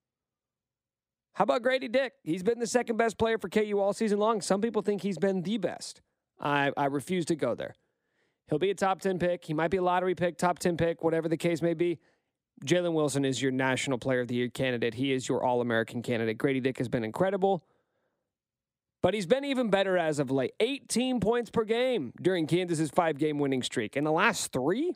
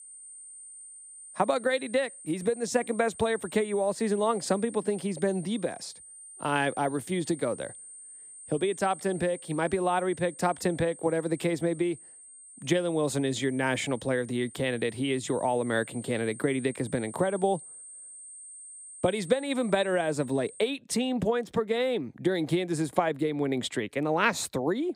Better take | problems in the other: first | high-pitched whine; noticeable; until 21 s; 8.5 kHz, 15 dB below the speech

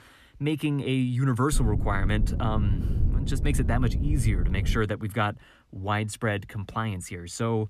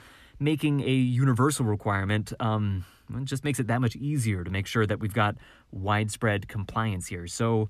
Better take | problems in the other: second | low rumble; noticeable; from 1.5 to 5 s; 10 dB below the speech

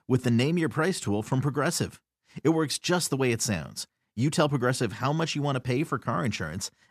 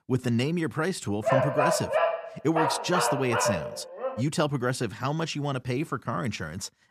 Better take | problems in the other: first | dog barking; loud; from 1 to 4 s; peak 5 dB above the speech

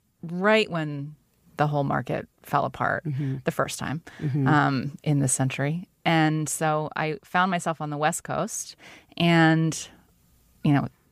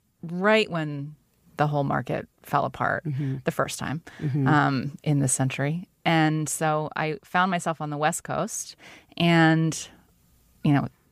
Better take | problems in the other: neither | none

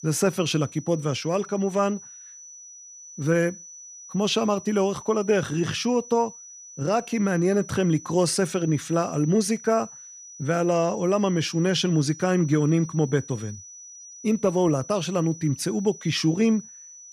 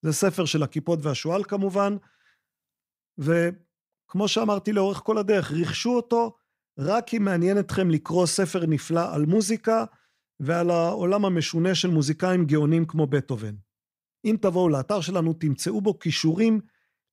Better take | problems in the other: second | high-pitched whine; noticeable; throughout; 6 kHz, 15 dB below the speech

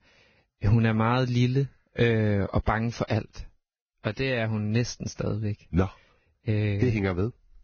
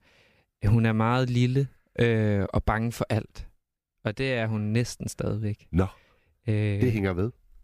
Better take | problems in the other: second | garbled, watery; badly; nothing above 6.5 kHz

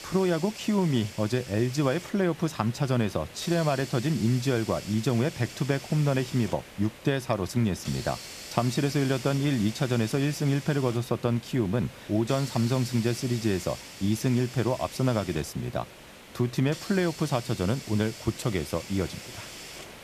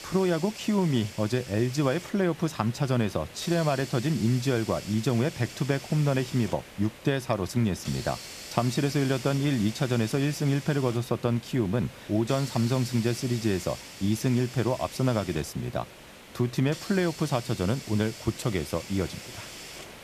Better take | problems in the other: neither | hiss; noticeable; throughout; 15 dB below the speech; the same in both

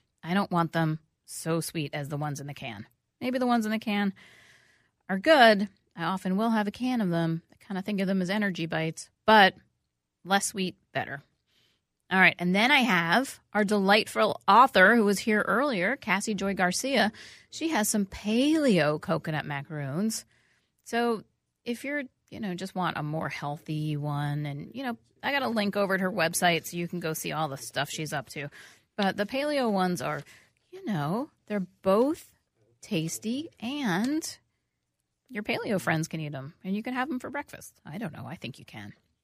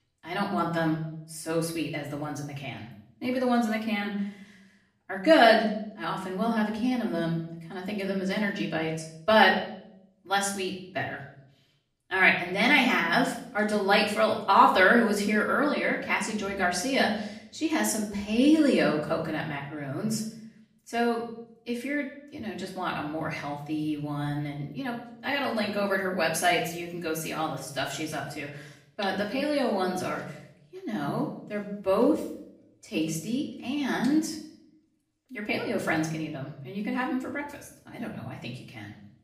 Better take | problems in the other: first | room echo; slight; dies away in 0.6 s // off-mic speech; far

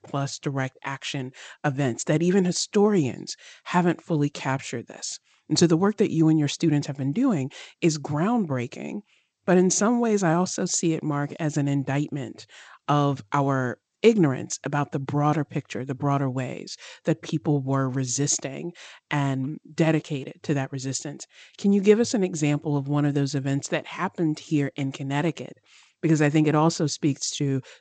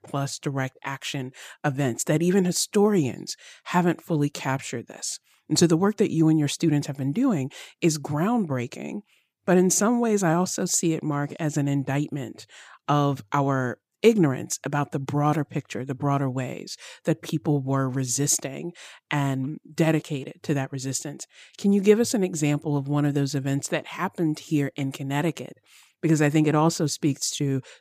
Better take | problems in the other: second | garbled, watery; slightly; nothing above 8 kHz

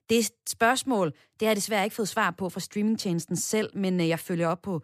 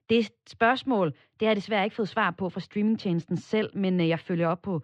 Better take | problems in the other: first | muffled; slightly; fading above 3.5 kHz

